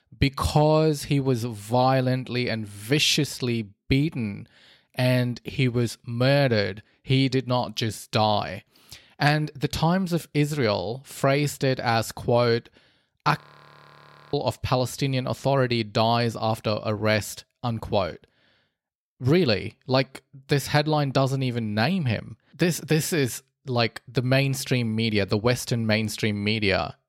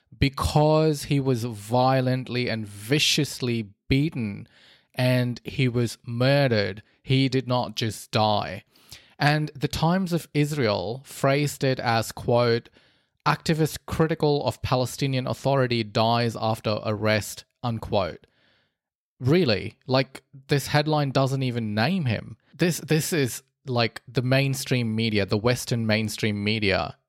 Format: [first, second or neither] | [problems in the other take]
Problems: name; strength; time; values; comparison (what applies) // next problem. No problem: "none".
second | audio freezing; at 13 s for 1 s